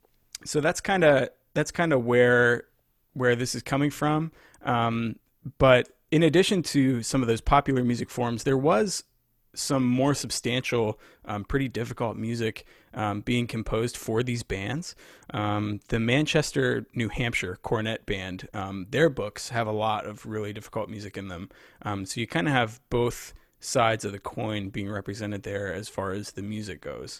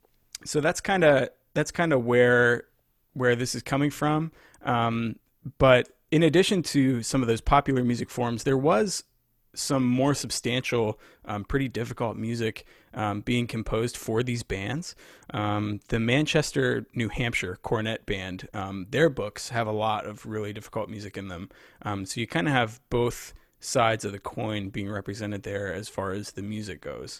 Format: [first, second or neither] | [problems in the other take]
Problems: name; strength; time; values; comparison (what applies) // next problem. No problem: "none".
neither | none